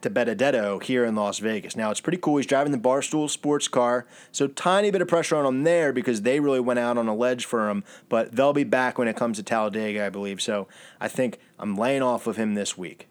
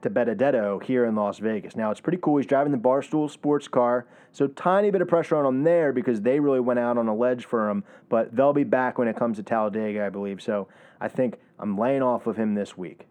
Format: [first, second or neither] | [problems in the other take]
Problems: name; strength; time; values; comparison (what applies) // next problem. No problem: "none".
first | muffled; very; fading above 2.5 kHz